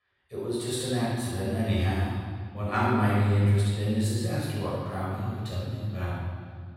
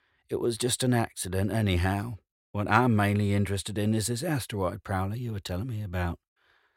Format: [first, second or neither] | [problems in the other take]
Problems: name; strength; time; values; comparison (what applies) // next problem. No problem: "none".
second | off-mic speech; far // room echo; strong; dies away in 1.8 s